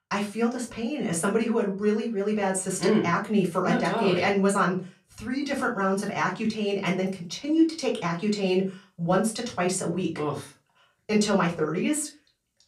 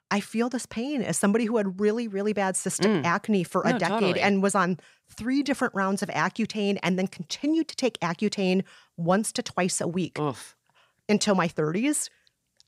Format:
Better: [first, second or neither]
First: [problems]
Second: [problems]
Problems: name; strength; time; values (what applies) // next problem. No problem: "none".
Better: second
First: off-mic speech; far // room echo; very slight; dies away in 0.2 s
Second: none